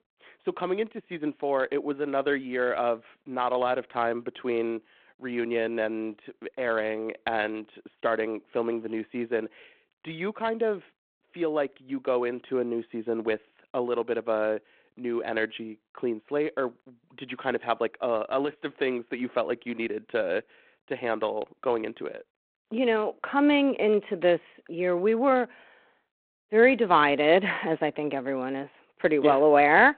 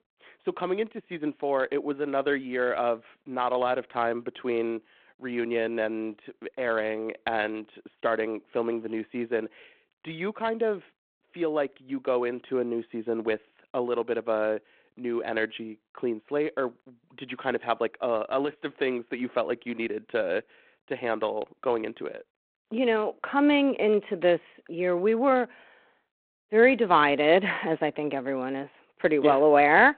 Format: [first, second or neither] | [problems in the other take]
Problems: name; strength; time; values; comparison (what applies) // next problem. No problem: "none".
neither | phone-call audio; the same in both